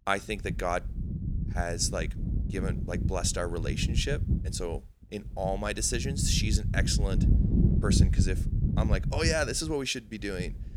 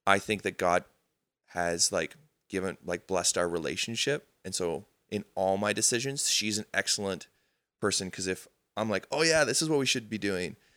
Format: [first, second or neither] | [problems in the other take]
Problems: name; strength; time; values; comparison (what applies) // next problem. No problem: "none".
second | wind noise on the microphone; heavy; 9 dB below the speech